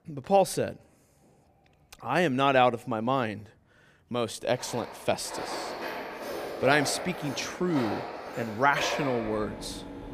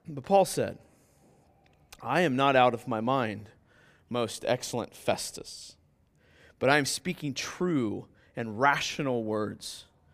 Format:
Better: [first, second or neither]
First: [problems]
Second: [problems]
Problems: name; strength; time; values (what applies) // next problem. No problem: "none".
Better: second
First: machinery noise; loud; from 4.5 s on; 9 dB below the speech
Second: none